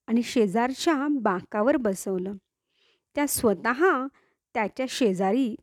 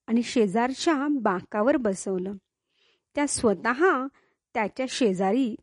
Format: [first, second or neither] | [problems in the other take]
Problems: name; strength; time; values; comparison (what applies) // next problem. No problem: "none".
first | garbled, watery; slightly; nothing above 8.5 kHz